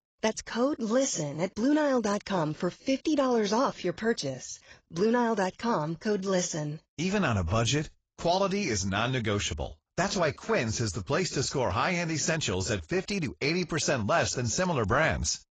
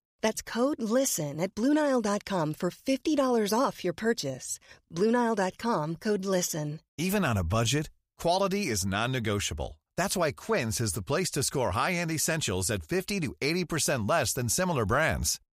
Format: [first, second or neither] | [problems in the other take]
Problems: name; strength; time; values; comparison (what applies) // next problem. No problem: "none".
second | garbled, watery; badly; nothing above 7.5 kHz